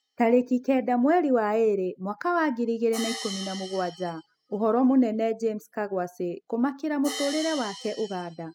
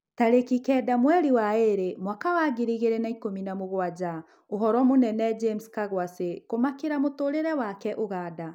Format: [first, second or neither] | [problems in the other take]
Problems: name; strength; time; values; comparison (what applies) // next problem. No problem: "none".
second | noise reduction (classical method spectral subtraction)